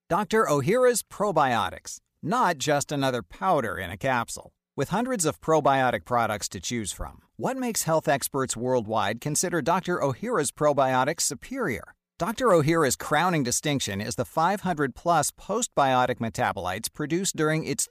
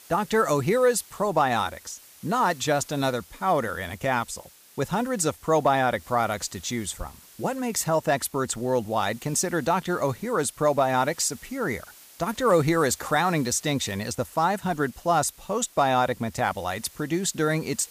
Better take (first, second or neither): first